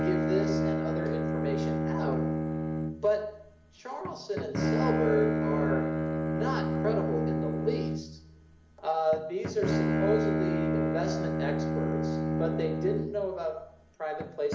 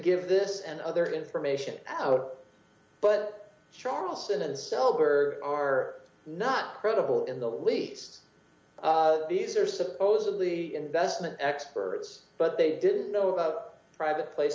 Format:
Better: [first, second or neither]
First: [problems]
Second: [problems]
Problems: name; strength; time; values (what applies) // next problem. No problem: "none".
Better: second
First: background sound (Bowed string instrument); 3 dB above the speech // room echo; dies away in 0.7 s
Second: none